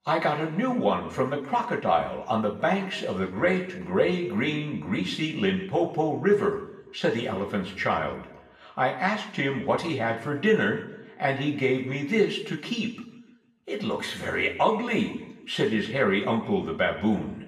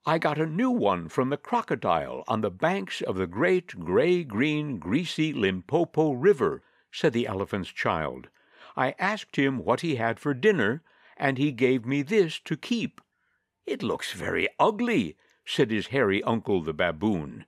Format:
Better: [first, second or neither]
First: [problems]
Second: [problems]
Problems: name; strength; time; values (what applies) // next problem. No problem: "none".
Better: second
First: room echo; noticeable; dies away in 0.8 s // off-mic speech; far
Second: none